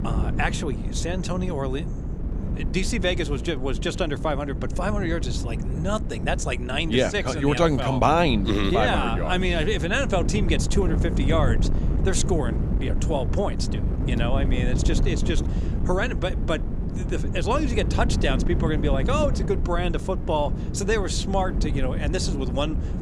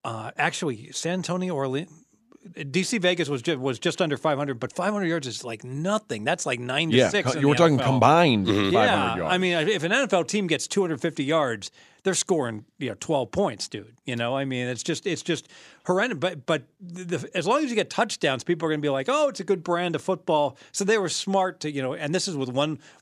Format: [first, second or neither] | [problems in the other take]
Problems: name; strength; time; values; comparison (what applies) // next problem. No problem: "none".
second | wind noise on the microphone; occasional gusts; 10 dB below the speech